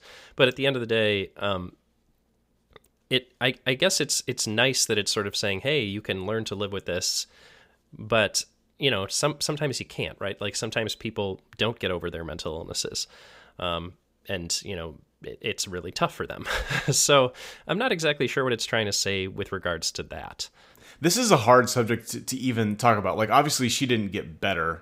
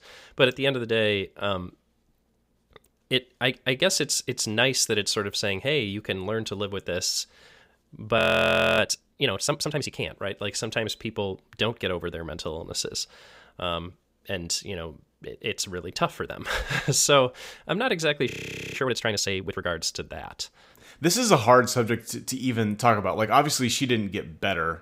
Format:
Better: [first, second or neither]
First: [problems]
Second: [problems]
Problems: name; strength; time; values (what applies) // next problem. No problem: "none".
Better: first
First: none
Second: audio freezing; at 8 s for 0.5 s and at 18 s